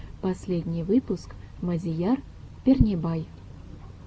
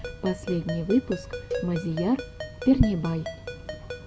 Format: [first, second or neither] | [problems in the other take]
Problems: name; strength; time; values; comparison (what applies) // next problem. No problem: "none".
first | background sound (Cowbell + Ringtone); 10 dB below the speech